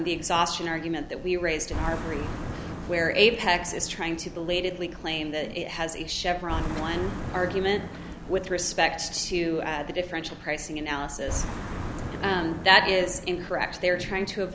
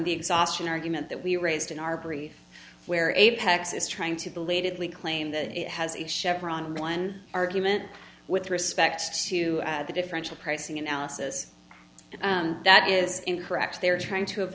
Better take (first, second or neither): second